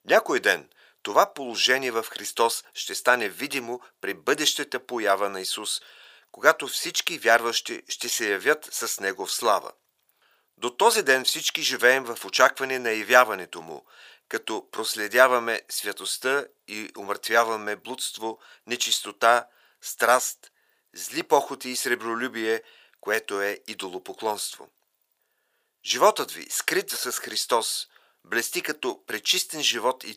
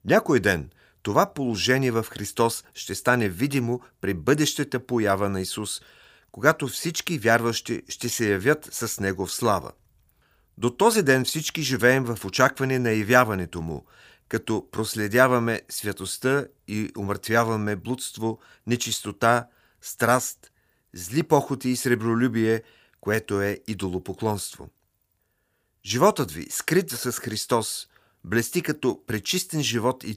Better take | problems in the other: second | thin; very; fading below 550 Hz

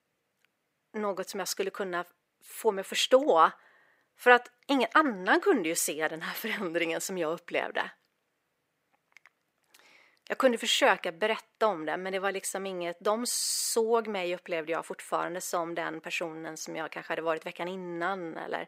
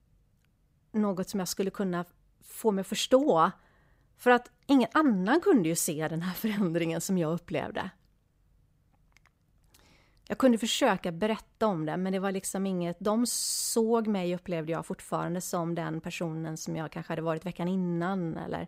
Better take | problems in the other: second | thin; somewhat; fading below 450 Hz

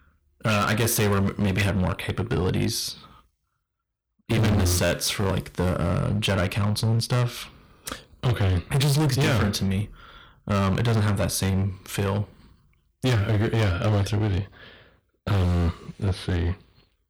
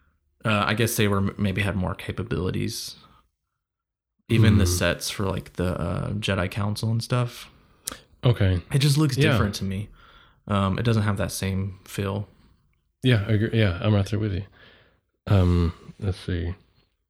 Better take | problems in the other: second | distortion; heavy; 17% of the sound clipped

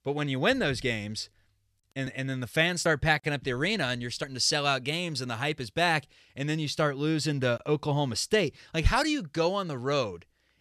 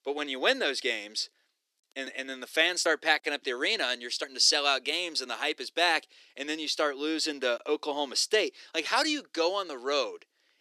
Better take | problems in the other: first | thin; somewhat; fading below 300 Hz

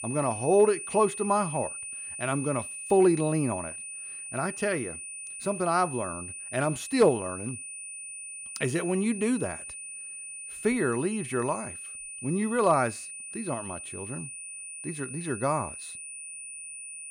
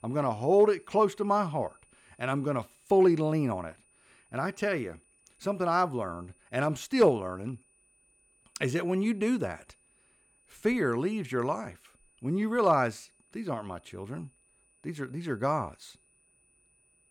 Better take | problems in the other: second | high-pitched whine; loud; throughout; 9.5 kHz, 9 dB below the speech; faint in the second

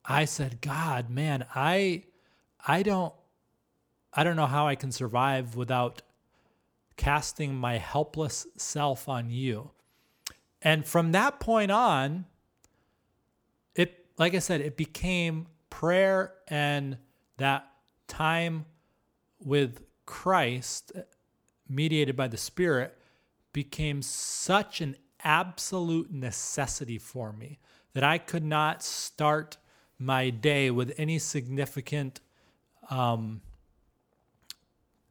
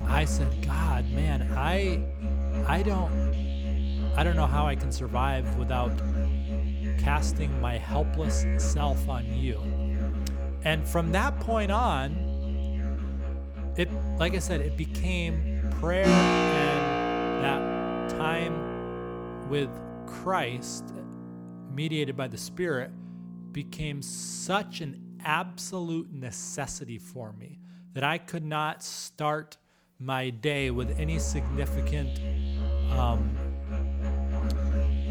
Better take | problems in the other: first | background music; very loud; throughout; 2 dB above the speech

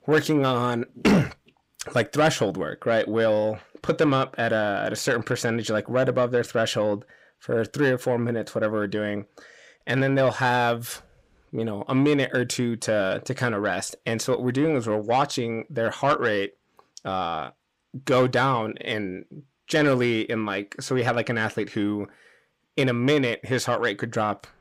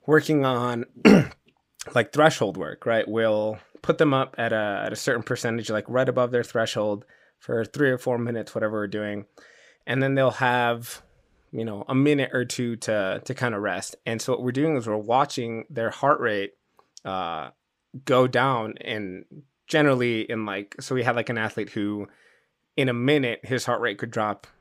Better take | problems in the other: second | distortion; slight; 10 dB below the speech

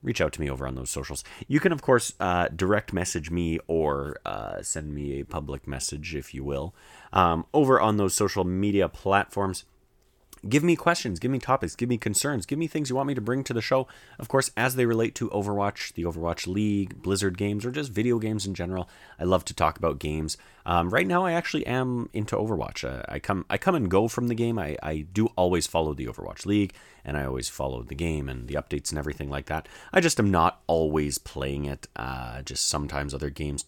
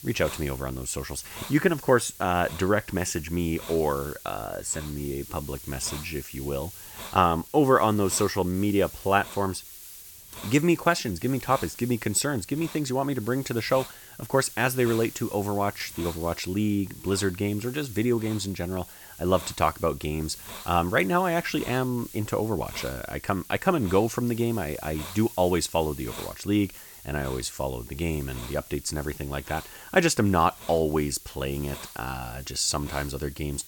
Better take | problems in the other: first | hiss; noticeable; throughout; 15 dB below the speech

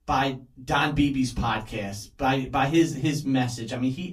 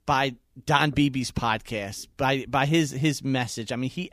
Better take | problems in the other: second | off-mic speech; far // room echo; very slight; dies away in 0.2 s

